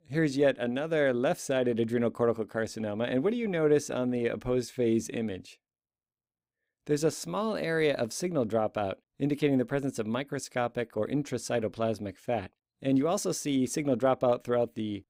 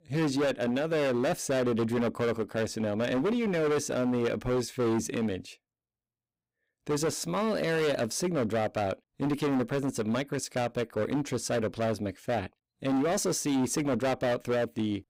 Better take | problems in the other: first | distortion; heavy; 18% of the sound clipped

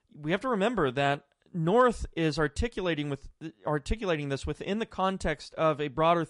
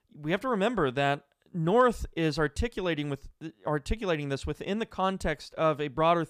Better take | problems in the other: second | garbled, watery; slightly; nothing above 10.5 kHz

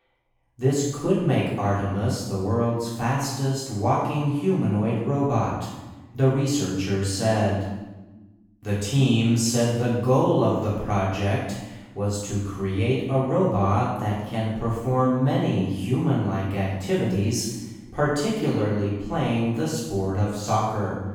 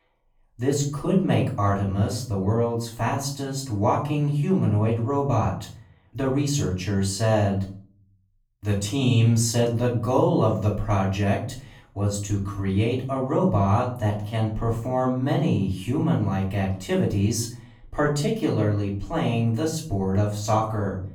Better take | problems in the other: second | room echo; strong; dies away in 1 s; slight in the second // off-mic speech; far; far in the second

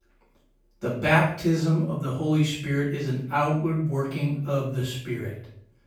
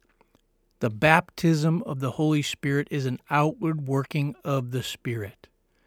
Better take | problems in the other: second | off-mic speech; far // room echo; noticeable; dies away in 0.5 s

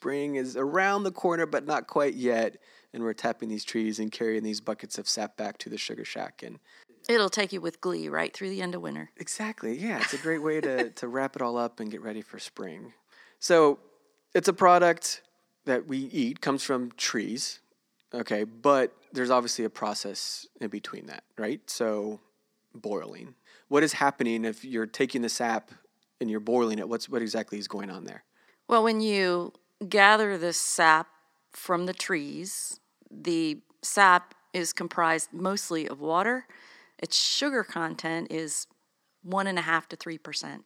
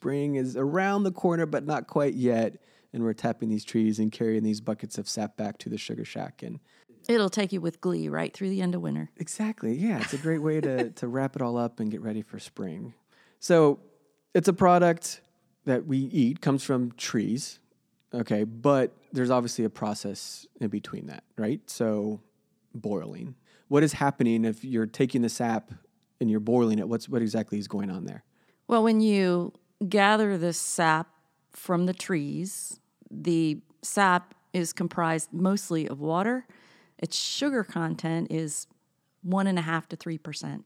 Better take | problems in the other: second | thin; somewhat; fading below 300 Hz

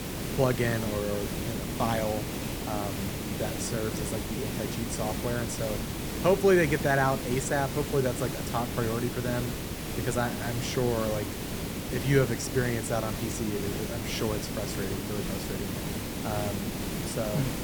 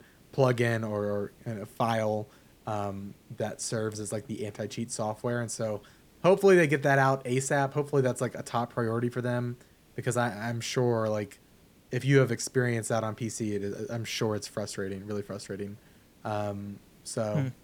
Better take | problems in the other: second | hiss; loud; throughout; 3 dB below the speech; faint in the second

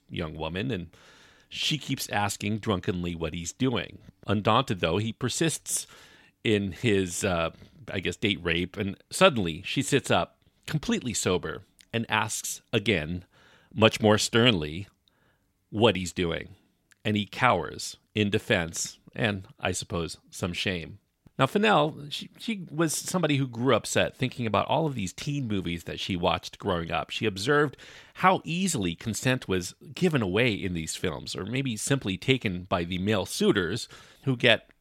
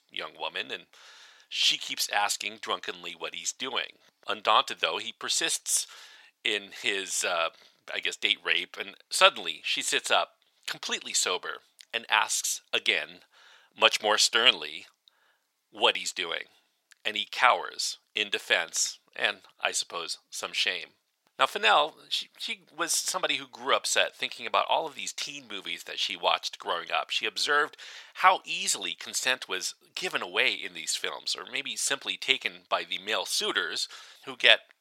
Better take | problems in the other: first | thin; very; fading below 800 Hz

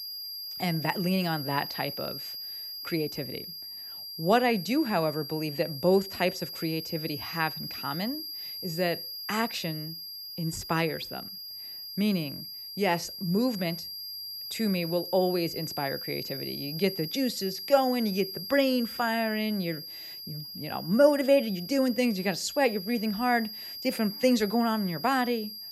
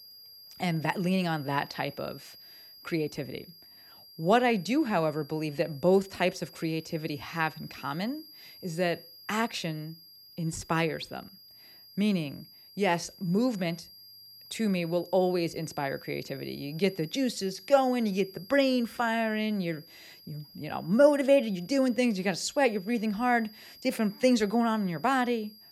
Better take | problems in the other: second | high-pitched whine; loud; throughout; 5 kHz, 8 dB below the speech; faint in the second

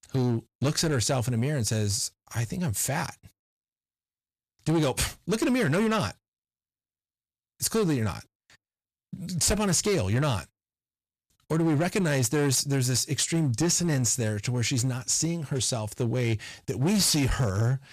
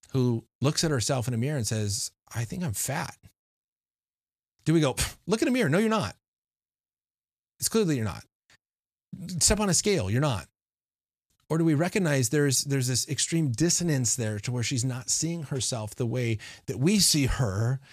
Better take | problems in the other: second | distortion; slight; 9% of the sound clipped

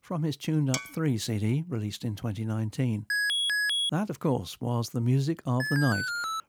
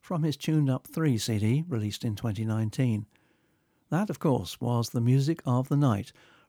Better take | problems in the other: second | clattering dishes; noticeable; at 0.5 s; peak 5 dB below the speech // alarm; loud; at 3 s; peak 5 dB above the speech // alarm; noticeable; at 5.5 s; peak level with the speech

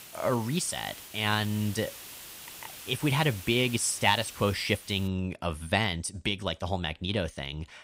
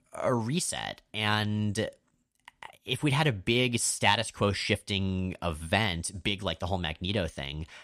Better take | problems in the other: second | hiss; noticeable; until 5 s; 15 dB below the speech

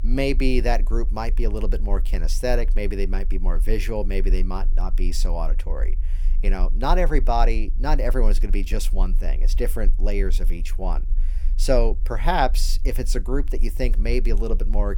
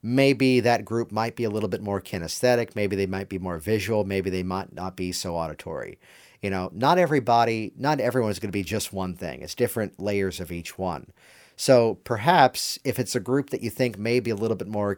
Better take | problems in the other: second | low rumble; faint; throughout; 25 dB below the speech

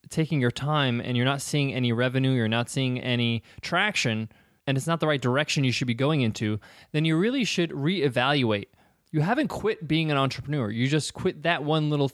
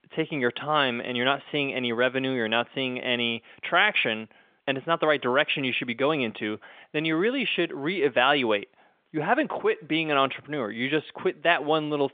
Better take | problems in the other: first | phone-call audio; nothing above 3.5 kHz

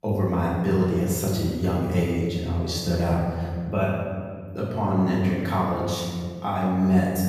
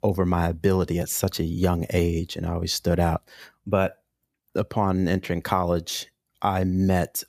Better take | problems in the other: second | room echo; strong; dies away in 2 s // off-mic speech; far

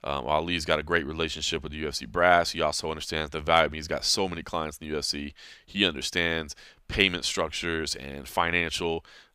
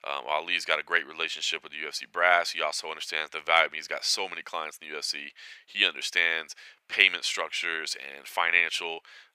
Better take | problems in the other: first | thin; very; fading below 600 Hz

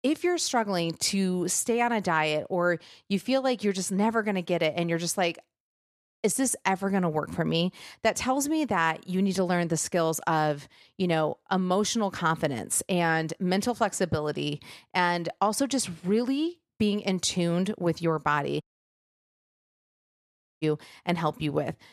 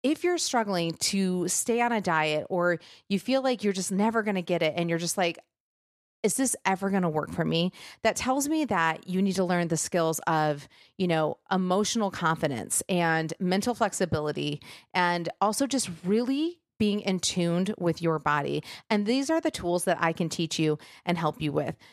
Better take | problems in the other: second | audio cutting out; at 19 s for 2 s

